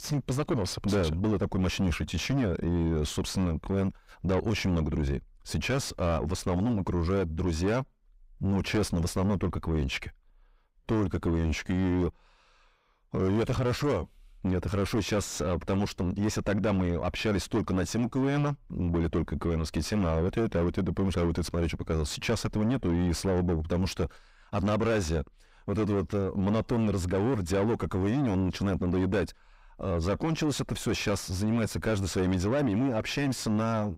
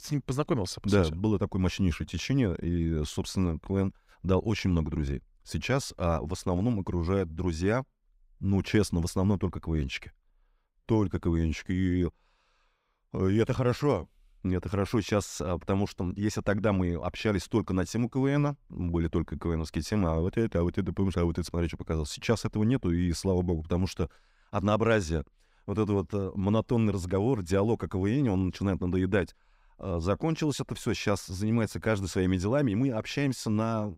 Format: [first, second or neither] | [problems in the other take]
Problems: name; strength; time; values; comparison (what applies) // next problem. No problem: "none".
second | distortion; heavy; 6 dB below the speech